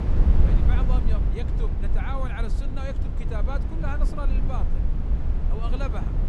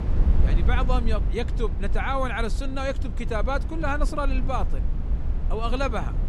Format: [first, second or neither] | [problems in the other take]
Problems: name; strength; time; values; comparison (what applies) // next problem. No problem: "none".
second | wind noise on the microphone; heavy; 3 dB below the speech; occasional gusts in the second